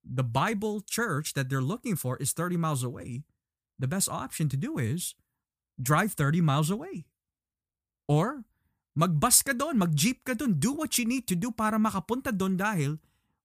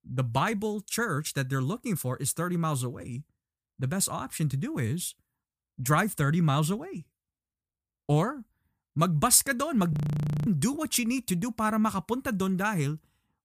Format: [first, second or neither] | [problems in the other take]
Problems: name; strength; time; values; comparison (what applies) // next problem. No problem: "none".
first | audio freezing; at 10 s for 0.5 s